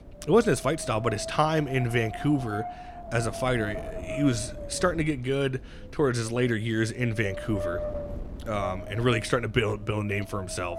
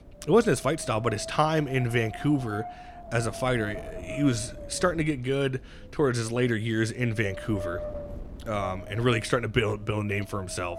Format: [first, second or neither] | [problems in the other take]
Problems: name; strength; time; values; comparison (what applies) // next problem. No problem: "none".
second | wind noise on the microphone; heavy; 9 dB below the speech; occasional gusts in the second